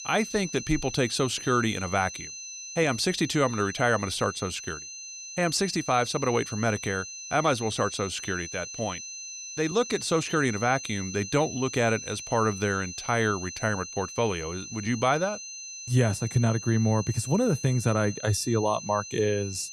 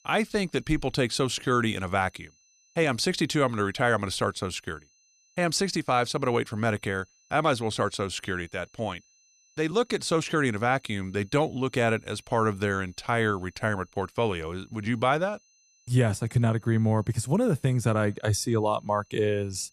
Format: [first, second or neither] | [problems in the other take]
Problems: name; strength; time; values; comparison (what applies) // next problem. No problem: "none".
second | high-pitched whine; loud; throughout; 6 kHz, 10 dB below the speech; faint in the second